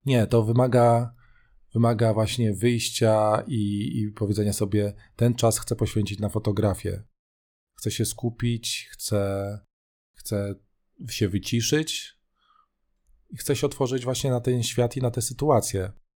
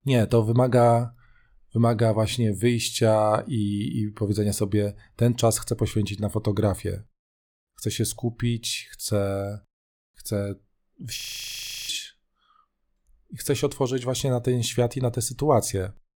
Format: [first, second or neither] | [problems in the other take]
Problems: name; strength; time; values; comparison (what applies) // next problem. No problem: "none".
first | audio freezing; at 11 s for 0.5 s